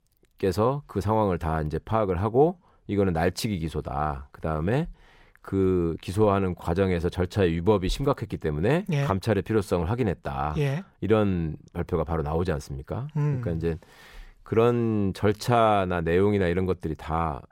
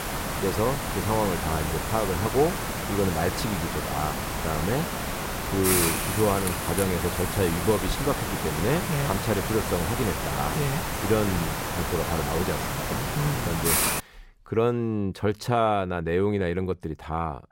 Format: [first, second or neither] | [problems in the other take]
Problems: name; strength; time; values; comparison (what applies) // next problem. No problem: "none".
first | hiss; loud; until 14 s; 1 dB below the speech